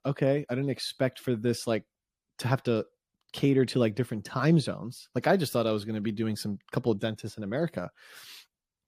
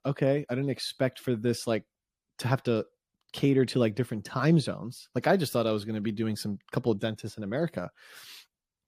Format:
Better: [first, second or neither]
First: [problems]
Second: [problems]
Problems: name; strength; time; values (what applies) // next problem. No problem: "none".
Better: neither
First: none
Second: none